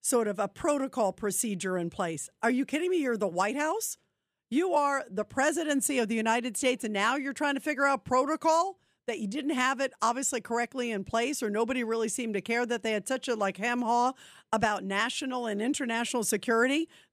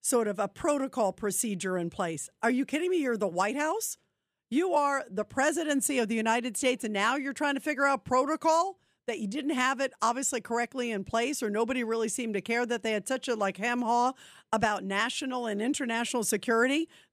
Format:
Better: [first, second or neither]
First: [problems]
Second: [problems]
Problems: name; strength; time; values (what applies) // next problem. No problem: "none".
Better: neither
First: none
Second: none